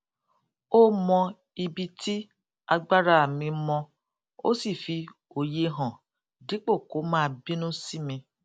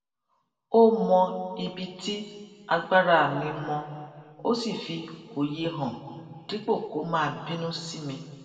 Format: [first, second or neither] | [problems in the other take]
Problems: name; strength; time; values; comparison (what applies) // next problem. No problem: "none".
first | room echo; dies away in 1.9 s